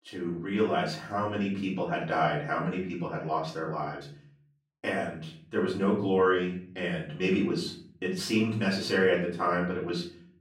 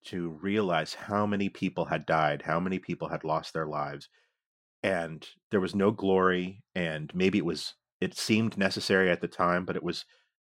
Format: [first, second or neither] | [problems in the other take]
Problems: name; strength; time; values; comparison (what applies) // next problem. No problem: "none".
second | off-mic speech; far // room echo; slight; dies away in 0.5 s